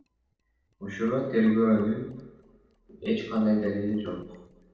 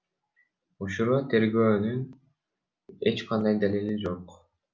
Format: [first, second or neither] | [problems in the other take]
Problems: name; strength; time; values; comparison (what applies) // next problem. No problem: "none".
second | noise reduction (neural separator model SepFormer DNS4)